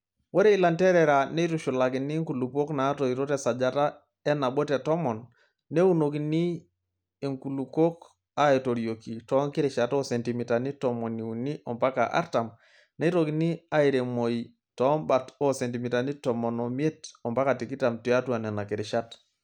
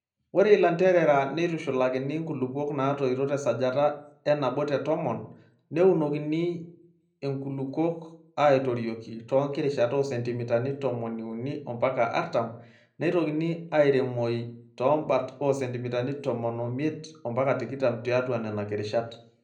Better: first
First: none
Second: room echo; dies away in 0.5 s

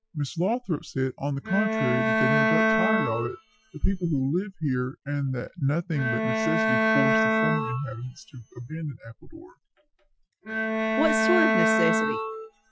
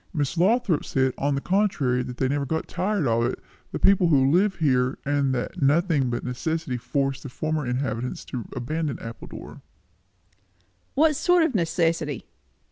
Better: second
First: noise reduction (classical method Wiener filter)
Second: none

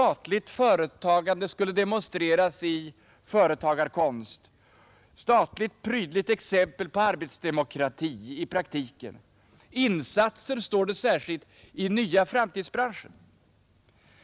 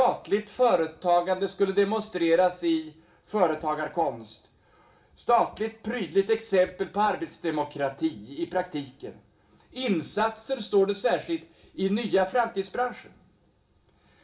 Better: first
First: none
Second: room echo; dies away in 0.3 s

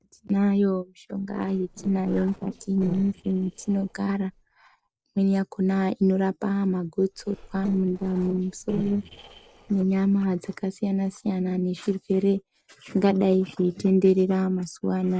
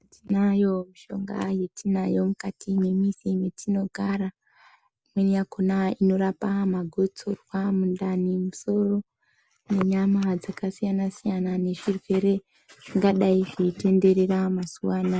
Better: second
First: noise reduction (neural separator model SepFormer DNS4)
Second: none

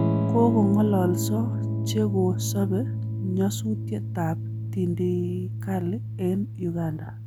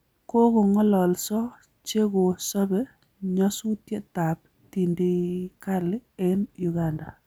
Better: second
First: background sound (Electric guitar / Strum); 1 dB below the speech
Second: none

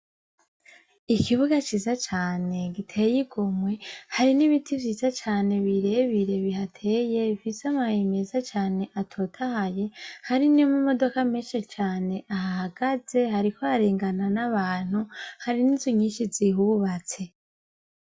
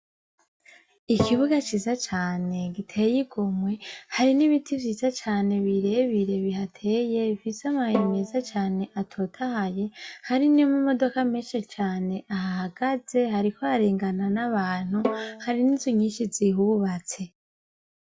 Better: first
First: none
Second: background sound (Bowed string instrument); 10 dB below the speech

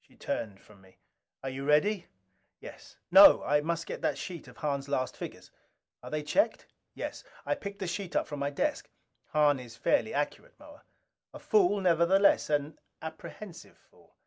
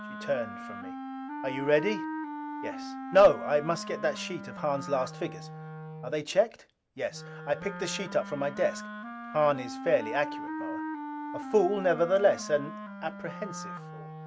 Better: first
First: none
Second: background sound (Wind instrument, woodwind instrument); 9 dB below the speech

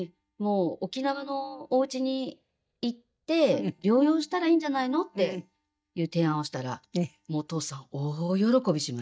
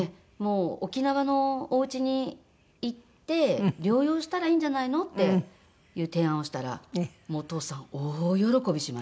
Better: second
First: noise reduction (neural mask model DeepFilterNet 3)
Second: none

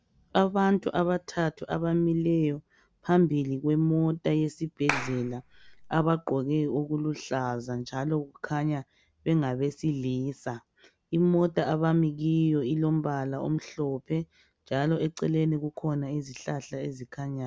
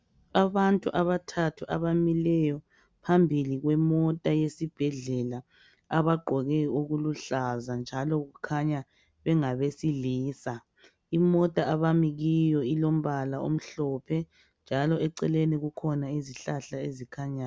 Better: second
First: background sound (Clapping); 7 dB below the speech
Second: none

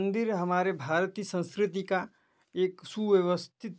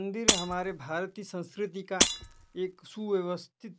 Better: first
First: none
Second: background sound (Shatter); 2 dB above the speech

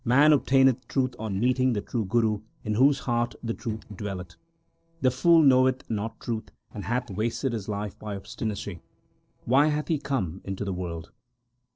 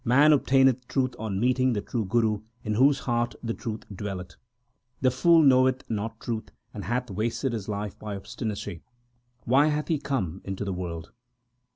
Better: second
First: noise reduction (neural separator model SepFormer DNS4)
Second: none

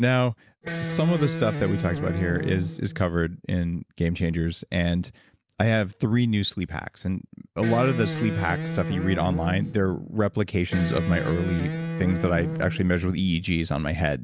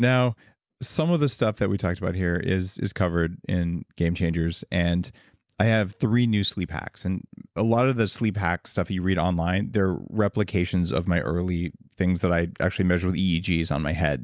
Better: second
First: background sound (Electric guitar); 5 dB below the speech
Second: none

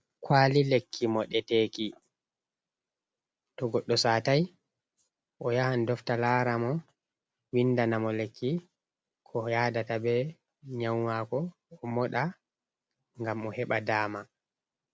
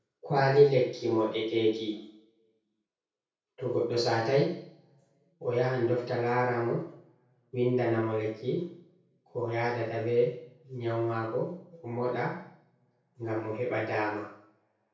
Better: first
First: none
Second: room echo; dies away in 0.6 s

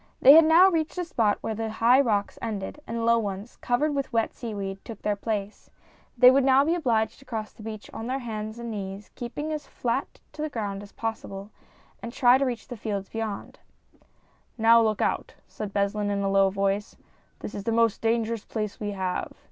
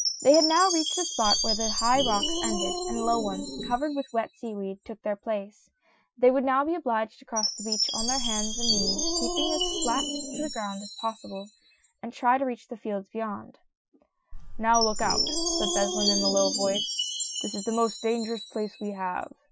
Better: first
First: none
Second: noise reduction (classical method Wiener filter)

